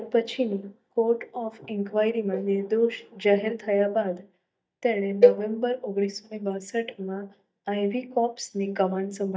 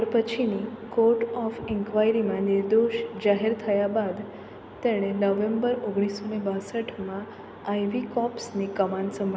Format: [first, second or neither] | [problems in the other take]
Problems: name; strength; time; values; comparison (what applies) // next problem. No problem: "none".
second | noise reduction (neural mask model DeepFilterNet 3)